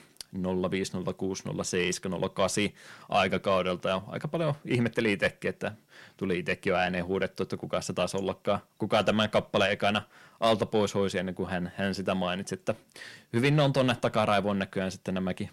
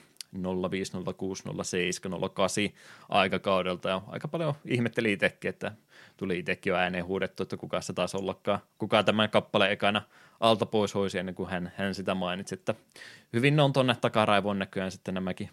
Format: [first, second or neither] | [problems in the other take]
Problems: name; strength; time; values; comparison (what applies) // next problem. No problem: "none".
second | distortion; slight; 10 dB below the speech